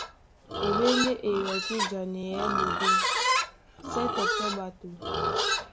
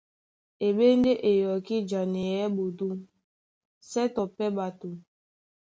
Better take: second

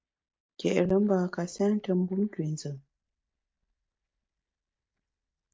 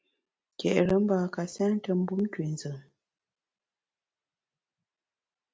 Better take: second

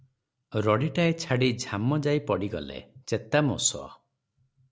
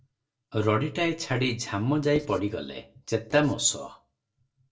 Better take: first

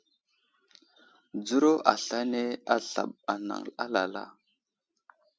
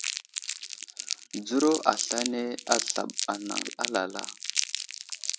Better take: first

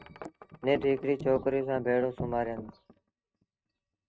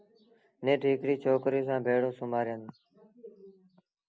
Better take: second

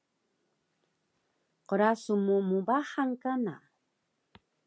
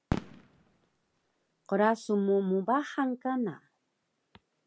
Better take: first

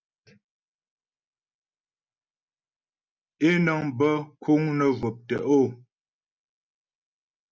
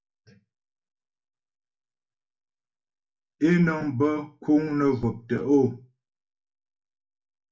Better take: first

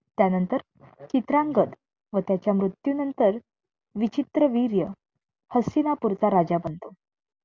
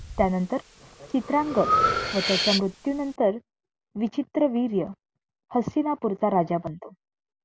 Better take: first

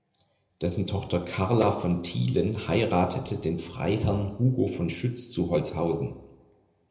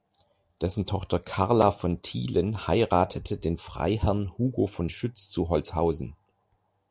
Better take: second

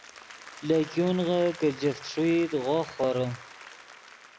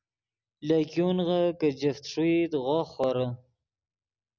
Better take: second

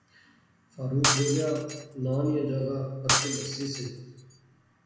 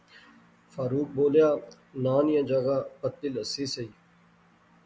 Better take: second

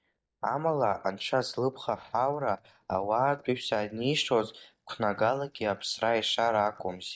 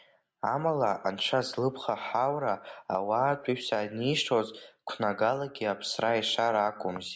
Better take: second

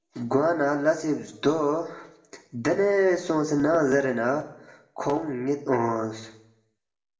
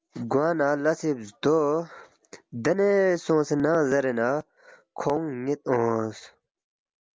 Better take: second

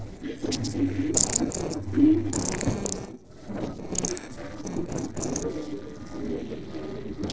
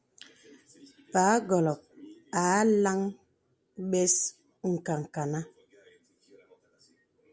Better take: second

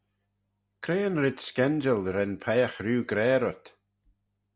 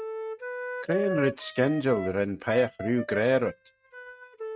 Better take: first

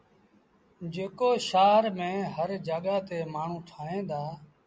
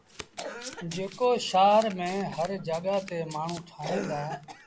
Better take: first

